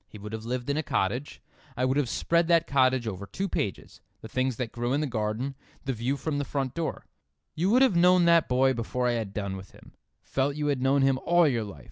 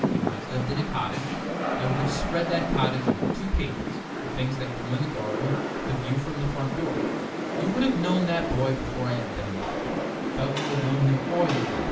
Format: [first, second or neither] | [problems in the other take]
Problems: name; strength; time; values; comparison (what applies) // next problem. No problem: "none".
first | background sound (Rain); 1 dB below the speech // room echo; dies away in 0.3 s